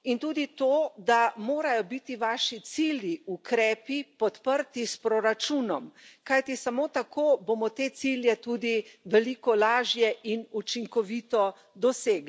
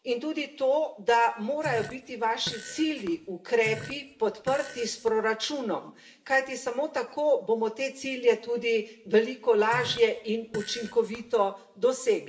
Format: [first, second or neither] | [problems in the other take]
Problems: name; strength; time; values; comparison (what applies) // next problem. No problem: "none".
first | background sound (Fart); 16 dB below the speech // room echo; dies away in 0.7 s